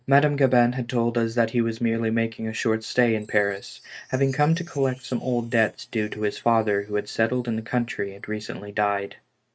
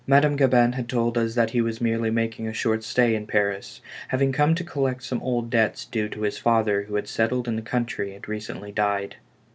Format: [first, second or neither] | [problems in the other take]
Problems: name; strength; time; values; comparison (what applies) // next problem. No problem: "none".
second | noise reduction (neural mask model RNNoise)